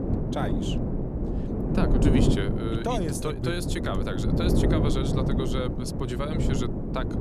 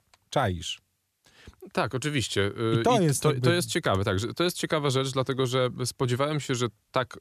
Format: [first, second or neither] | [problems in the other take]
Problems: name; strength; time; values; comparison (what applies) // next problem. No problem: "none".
second | wind noise on the microphone; heavy; as loud as the speech